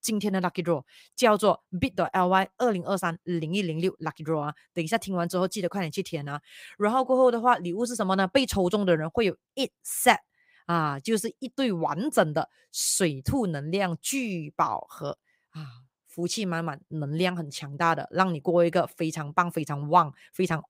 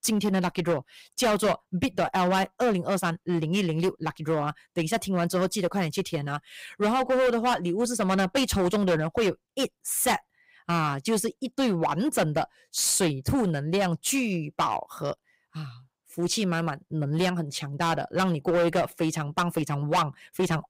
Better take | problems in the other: first | distortion; heavy; 10% of the sound clipped

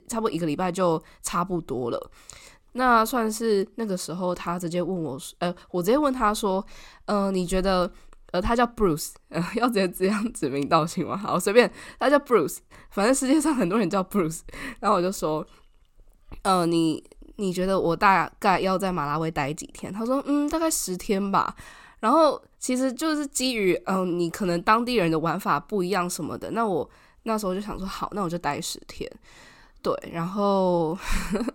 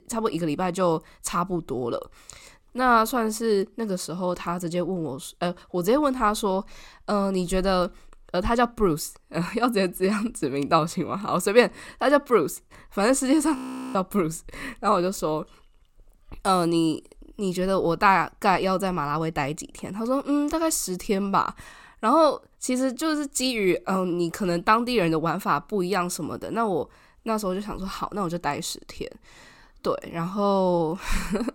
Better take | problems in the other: first | audio freezing; at 14 s

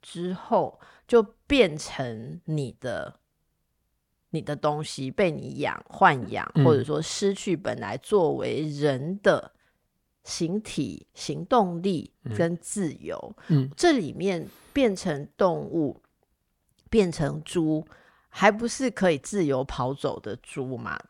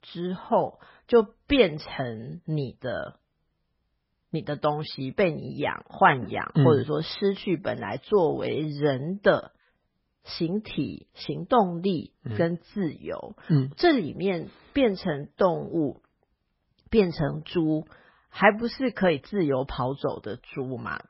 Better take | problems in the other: first | garbled, watery; badly; nothing above 5.5 kHz

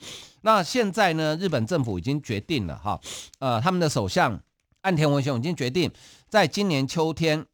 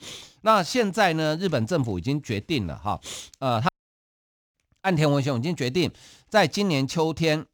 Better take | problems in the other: first | audio cutting out; at 3.5 s for 1 s

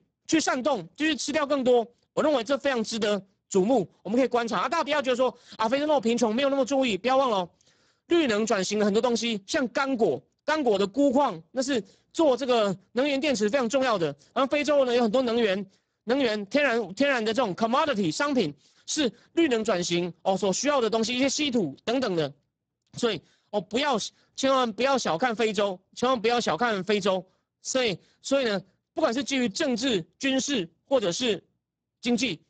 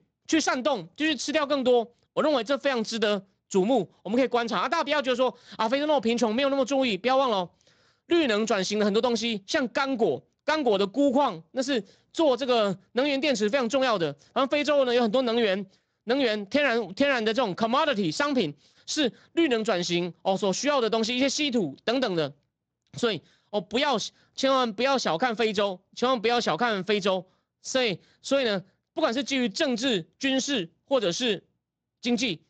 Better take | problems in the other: second | garbled, watery; badly; nothing above 7.5 kHz; slightly in the second

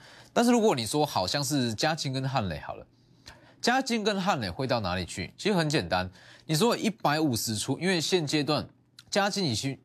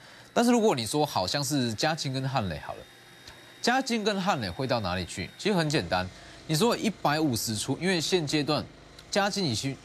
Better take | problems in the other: first | machinery noise; faint; throughout; 25 dB below the speech

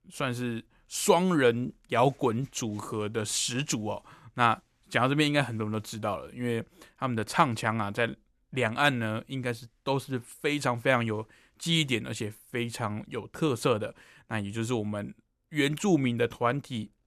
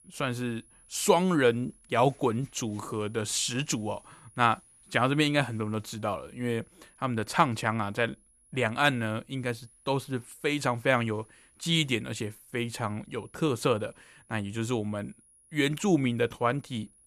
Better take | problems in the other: first | high-pitched whine; faint; throughout; 10.5 kHz, 30 dB below the speech

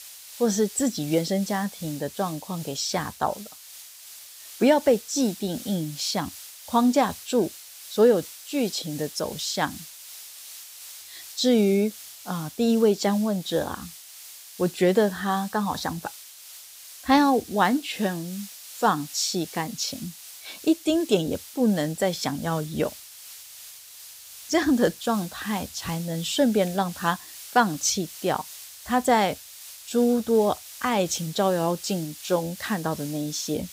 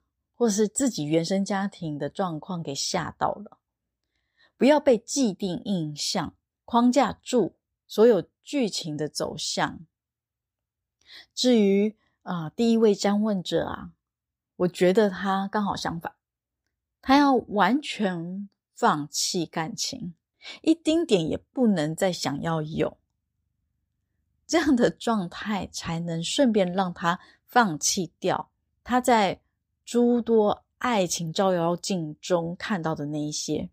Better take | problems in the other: second | hiss; noticeable; throughout; 15 dB below the speech

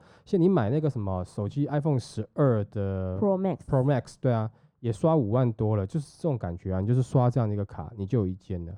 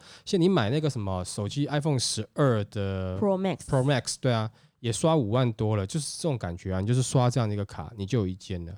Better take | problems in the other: second | muffled; very; fading above 2 kHz

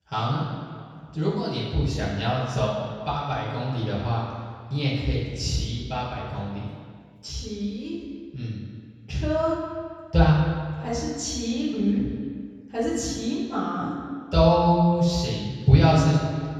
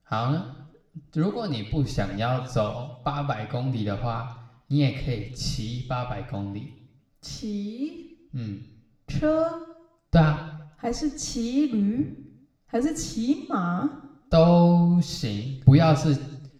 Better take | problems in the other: second | room echo; strong; dies away in 1.8 s; slight in the second // off-mic speech; far; somewhat distant in the second

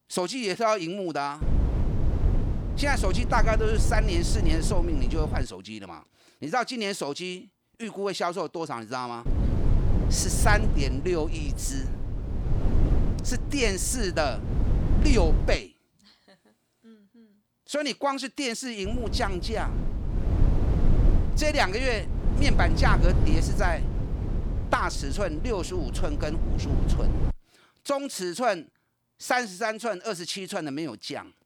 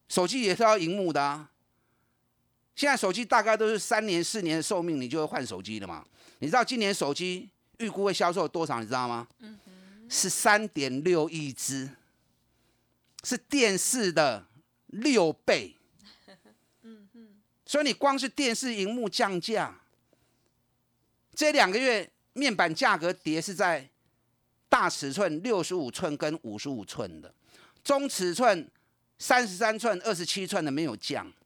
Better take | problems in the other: second | low rumble; noticeable; from 1.5 to 5.5 s, from 9.5 to 16 s and from 19 to 27 s; 10 dB below the speech

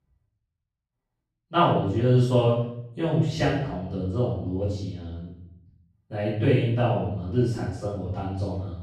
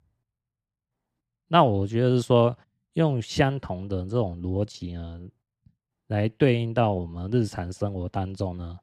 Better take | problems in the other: second | off-mic speech; far // room echo; noticeable; dies away in 0.7 s

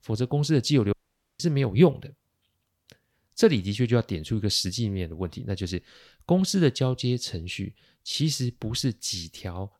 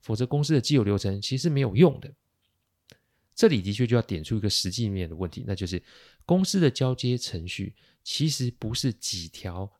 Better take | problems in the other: second | audio cutting out; at 1 s

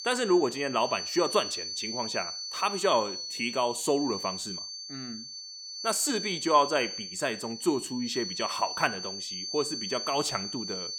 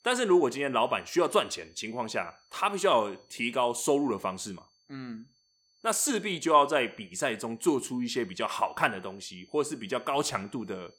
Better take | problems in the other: second | high-pitched whine; loud; throughout; 4.5 kHz, 5 dB below the speech; faint in the second

